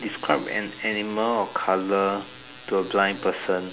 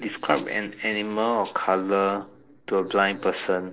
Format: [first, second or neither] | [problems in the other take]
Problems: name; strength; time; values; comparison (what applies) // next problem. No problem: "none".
first | noise reduction (neural separator model SepFormer DNS4)